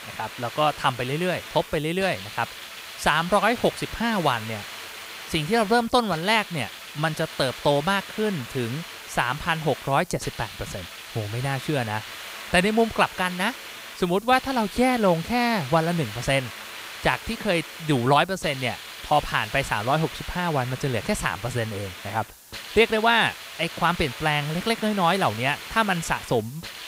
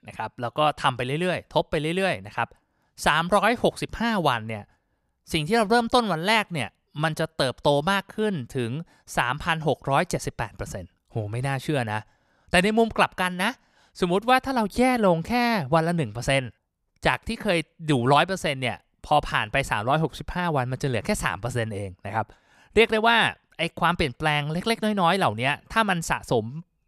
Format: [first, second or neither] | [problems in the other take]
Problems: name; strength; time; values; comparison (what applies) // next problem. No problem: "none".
second | hiss; noticeable; throughout; 10 dB below the speech